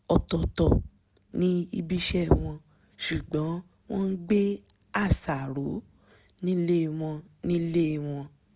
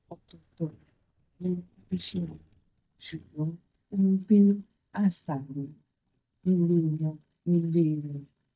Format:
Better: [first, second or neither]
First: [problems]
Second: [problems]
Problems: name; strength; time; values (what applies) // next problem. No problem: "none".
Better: first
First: none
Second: noise reduction (neural mask model DeepFilterNet 3)